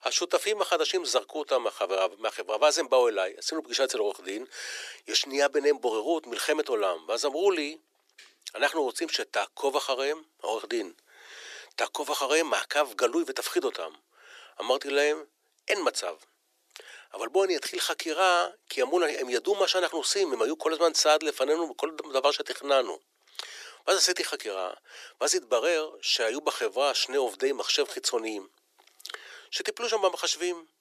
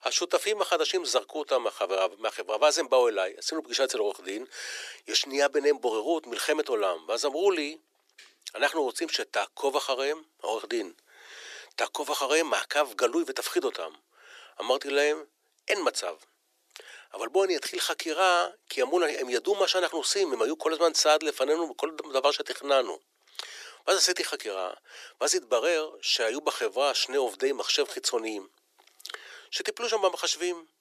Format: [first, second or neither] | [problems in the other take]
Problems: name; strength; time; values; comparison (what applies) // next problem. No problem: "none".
neither | thin; very; fading below 350 Hz; the same in both